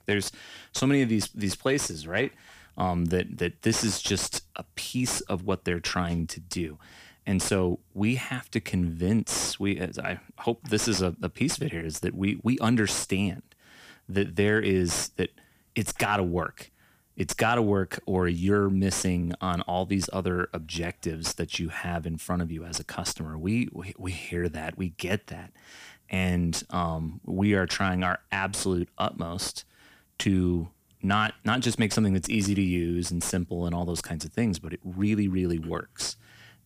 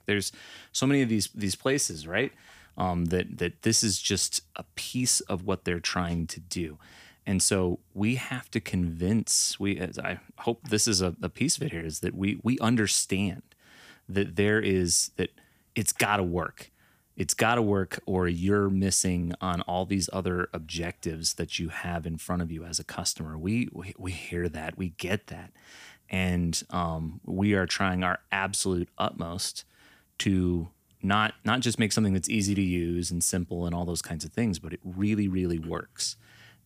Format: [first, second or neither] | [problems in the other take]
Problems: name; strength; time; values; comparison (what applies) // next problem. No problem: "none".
second | distortion; slight; 10 dB below the speech